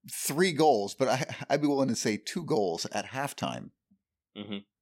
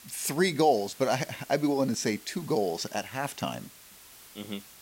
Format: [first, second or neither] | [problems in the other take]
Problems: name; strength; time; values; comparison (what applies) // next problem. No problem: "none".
first | hiss; noticeable; throughout; 20 dB below the speech